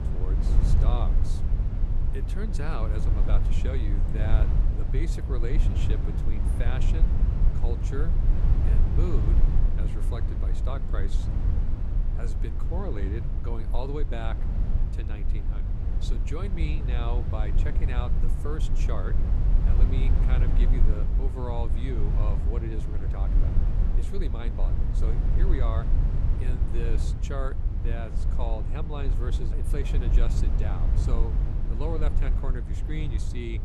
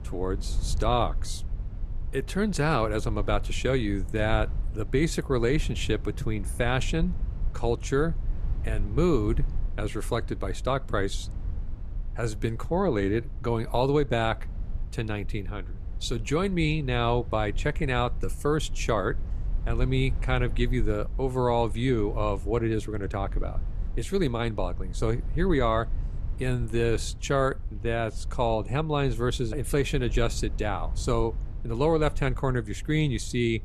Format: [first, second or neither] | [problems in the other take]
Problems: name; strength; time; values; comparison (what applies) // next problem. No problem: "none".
second | low rumble; loud; throughout; 3 dB below the speech; faint in the second